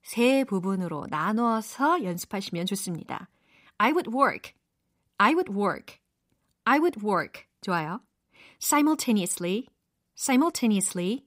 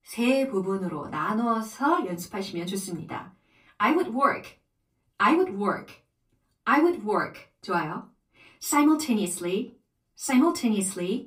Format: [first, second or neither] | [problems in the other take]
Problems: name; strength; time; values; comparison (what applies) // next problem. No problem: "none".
first | off-mic speech; far // room echo; very slight; dies away in 0.2 s